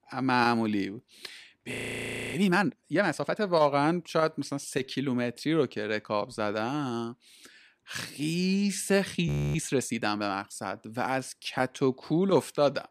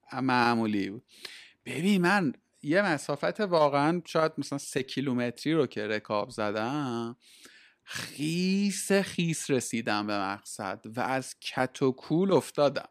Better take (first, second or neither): second